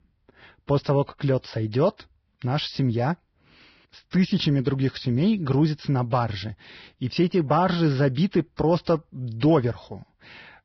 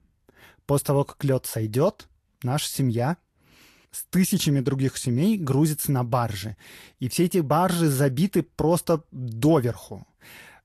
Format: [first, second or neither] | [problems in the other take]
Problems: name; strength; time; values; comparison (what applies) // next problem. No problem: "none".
second | garbled, watery; badly; nothing above 5.5 kHz; slightly in the second